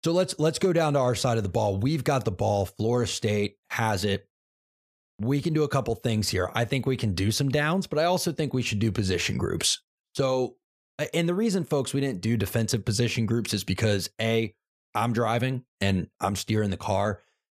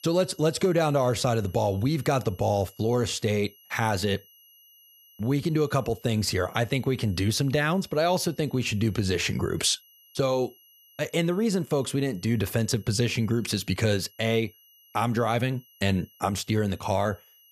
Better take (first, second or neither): first